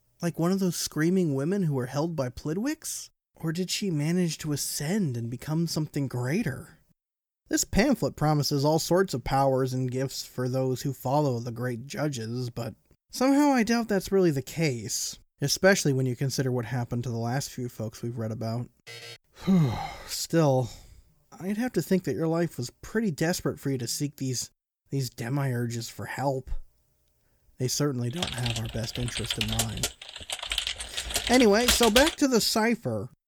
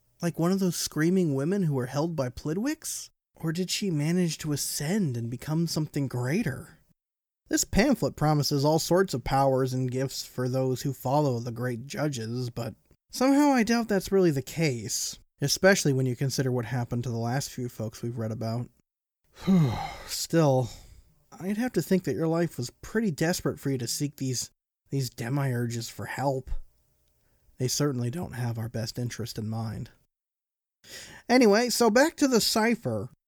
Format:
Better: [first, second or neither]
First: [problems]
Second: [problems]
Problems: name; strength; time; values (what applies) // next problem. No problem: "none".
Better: second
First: alarm; faint; at 19 s; peak 15 dB below the speech // keyboard typing; loud; from 28 to 32 s; peak 5 dB above the speech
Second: none